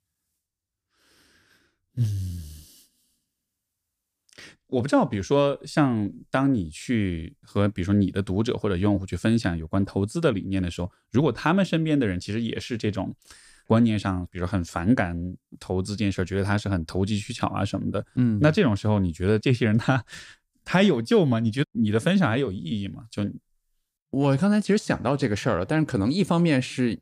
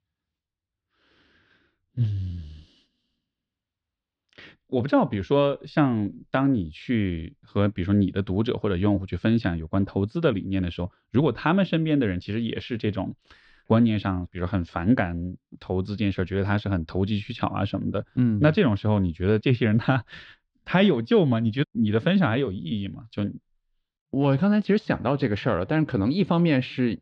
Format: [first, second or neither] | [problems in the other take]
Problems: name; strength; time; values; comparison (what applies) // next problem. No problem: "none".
first | muffled; slightly; fading above 3.5 kHz